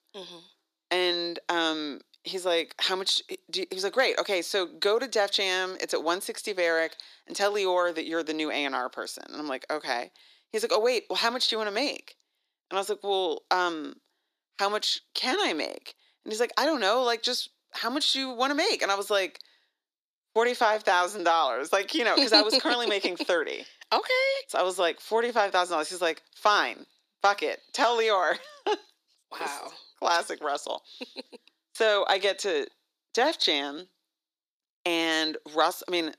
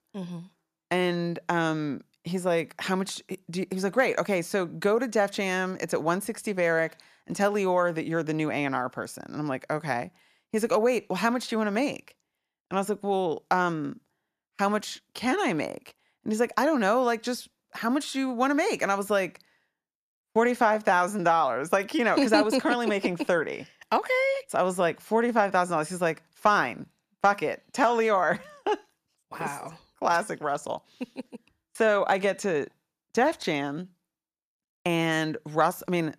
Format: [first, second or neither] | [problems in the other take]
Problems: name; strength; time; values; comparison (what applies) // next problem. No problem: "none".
second | thin; somewhat; fading below 350 Hz